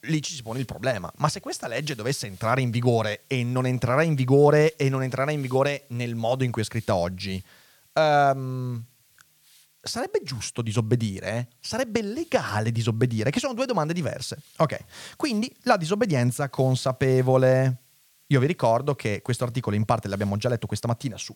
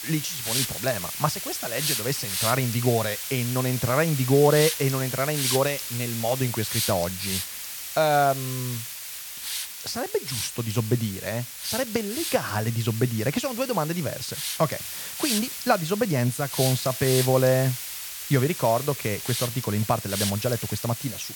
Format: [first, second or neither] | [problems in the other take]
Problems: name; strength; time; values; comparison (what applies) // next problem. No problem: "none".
first | hiss; loud; throughout; 4 dB below the speech; faint in the first